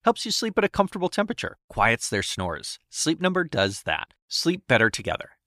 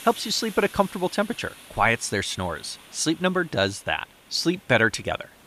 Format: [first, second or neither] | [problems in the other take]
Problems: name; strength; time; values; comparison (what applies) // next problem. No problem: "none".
first | hiss; faint; throughout; 20 dB below the speech